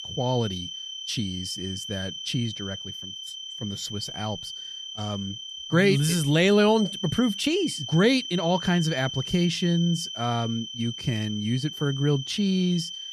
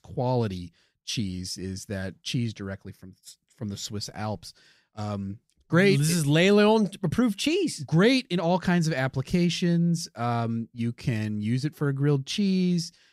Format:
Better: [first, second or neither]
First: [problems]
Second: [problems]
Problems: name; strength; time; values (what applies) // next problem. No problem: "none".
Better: second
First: high-pitched whine; loud; throughout; 3 kHz, 8 dB below the speech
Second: none